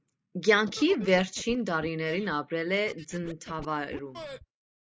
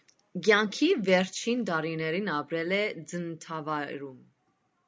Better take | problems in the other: second | noise reduction (neural mask model Resemble Enhance denoiser)

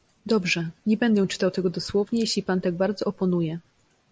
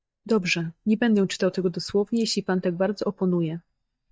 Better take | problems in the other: first | noise reduction (neural mask model DeepFilterNet 3)

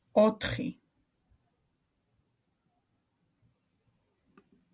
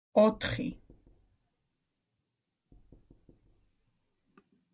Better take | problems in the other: first | noise reduction (neural mask model DeepFilterNet 3)

